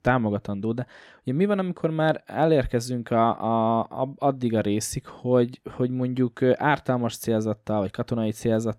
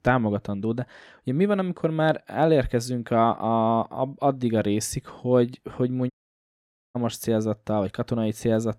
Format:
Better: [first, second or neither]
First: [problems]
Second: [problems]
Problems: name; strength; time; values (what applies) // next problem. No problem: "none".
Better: first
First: none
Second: audio cutting out; at 6 s for 1 s